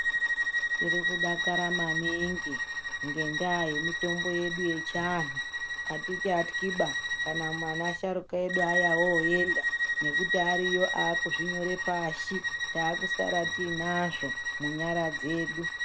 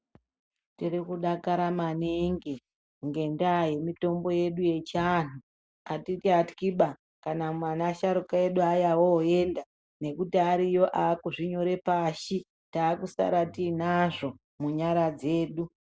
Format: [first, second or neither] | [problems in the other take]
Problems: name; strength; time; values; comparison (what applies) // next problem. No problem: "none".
second | background sound (Bowed string instrument); 1 dB above the speech